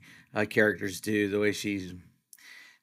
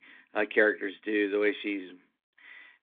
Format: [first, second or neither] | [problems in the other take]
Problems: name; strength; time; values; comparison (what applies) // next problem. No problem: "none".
first | phone-call audio; nothing above 3.5 kHz